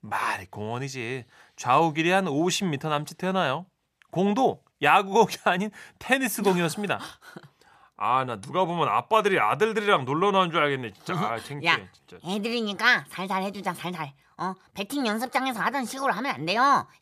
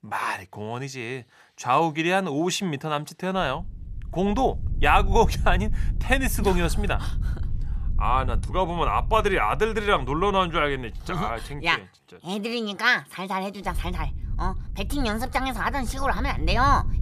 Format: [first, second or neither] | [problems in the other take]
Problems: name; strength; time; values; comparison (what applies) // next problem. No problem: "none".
first | low rumble; faint; from 3.5 to 12 s and from 14 s on; 25 dB below the speech